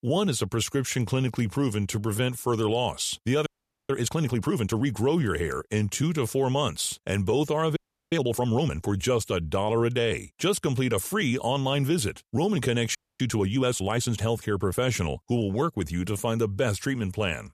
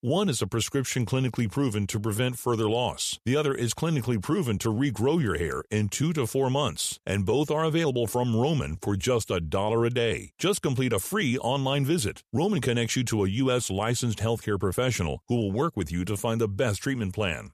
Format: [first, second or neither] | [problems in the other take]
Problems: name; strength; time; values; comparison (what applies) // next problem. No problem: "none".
second | audio freezing; at 3.5 s, at 8 s and at 13 s